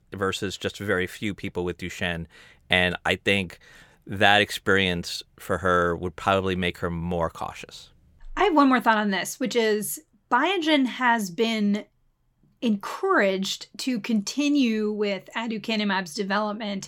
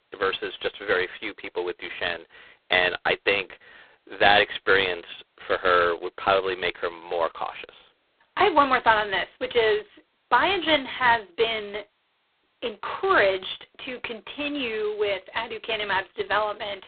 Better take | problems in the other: first | phone-call audio; poor line; nothing above 4 kHz

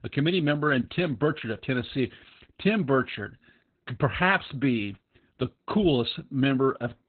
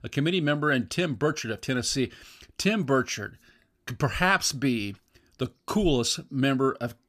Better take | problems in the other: second | garbled, watery; badly; nothing above 4 kHz

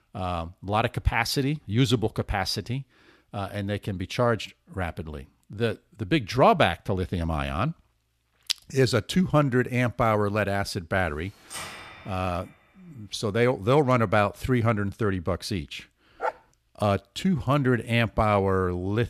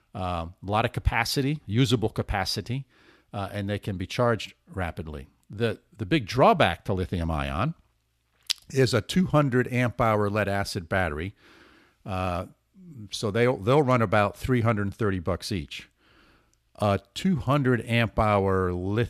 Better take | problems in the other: second | keyboard typing; faint; at 12 s; peak 10 dB below the speech // dog barking; noticeable; at 16 s; peak 7 dB below the speech

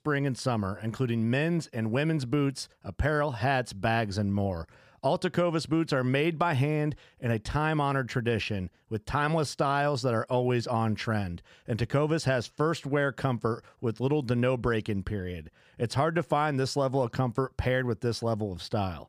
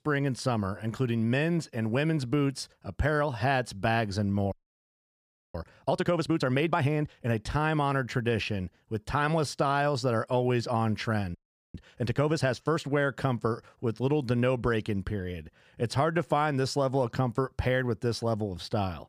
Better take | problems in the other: first | audio freezing; at 4.5 s for 1 s and at 11 s

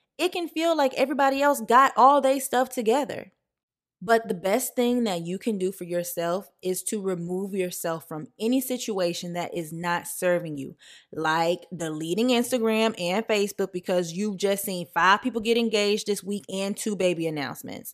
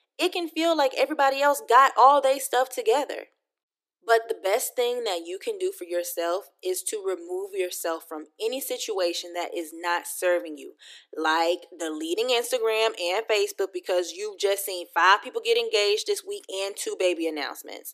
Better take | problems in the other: first | thin; very; fading below 300 Hz

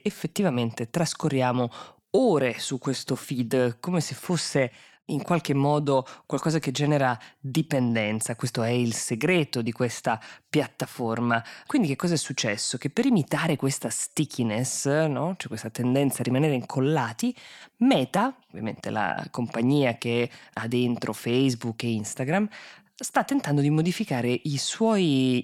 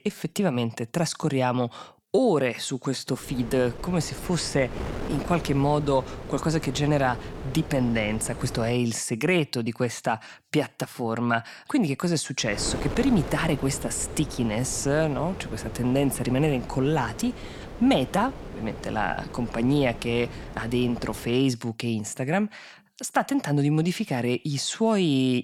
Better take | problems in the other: first | wind noise on the microphone; occasional gusts; from 3.5 to 8.5 s and from 13 to 21 s; 10 dB below the speech

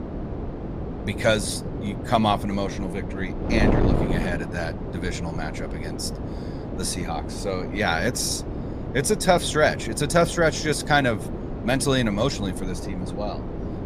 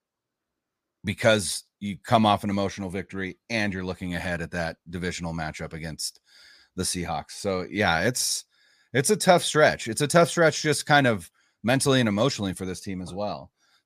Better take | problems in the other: second | wind noise on the microphone; heavy; 10 dB below the speech

